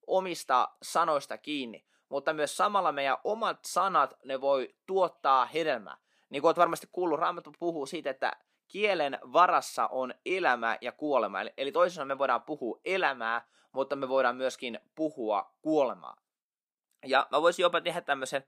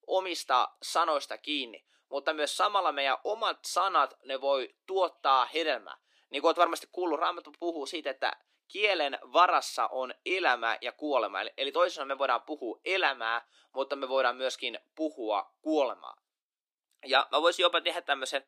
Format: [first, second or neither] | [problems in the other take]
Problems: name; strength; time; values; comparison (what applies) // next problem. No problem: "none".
first | thin; very slightly; fading below 300 Hz